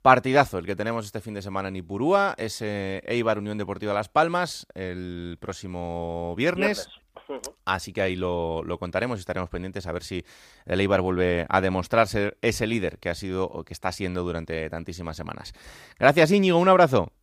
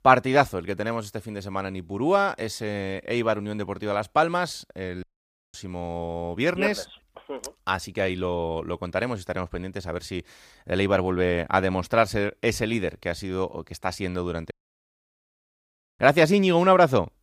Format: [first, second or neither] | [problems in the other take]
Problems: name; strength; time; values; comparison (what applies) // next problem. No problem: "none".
first | audio cutting out; at 5 s for 0.5 s and at 15 s for 1.5 s